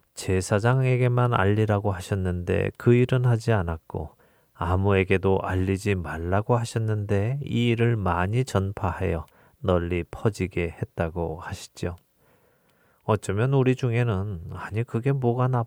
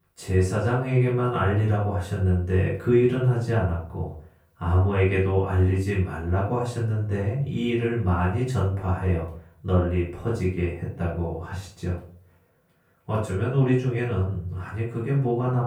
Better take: first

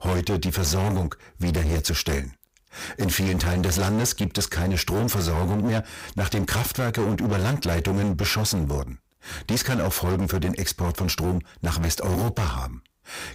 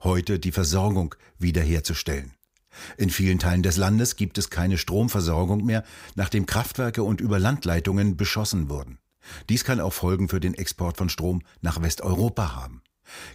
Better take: second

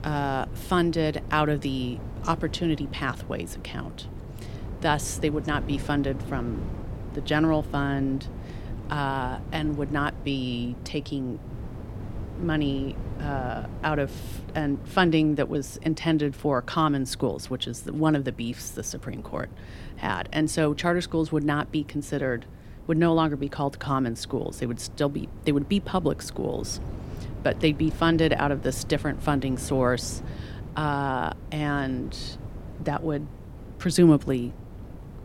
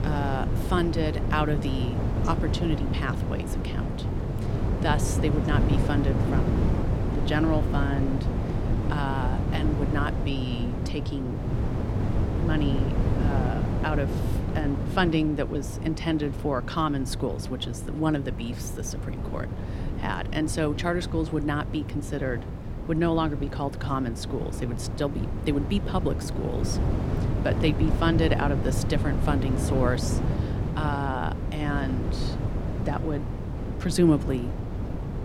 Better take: first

